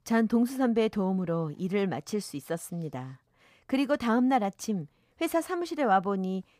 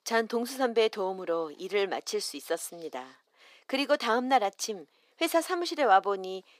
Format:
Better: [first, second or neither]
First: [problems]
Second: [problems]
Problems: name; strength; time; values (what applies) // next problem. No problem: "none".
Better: first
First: none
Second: thin; somewhat; fading below 350 Hz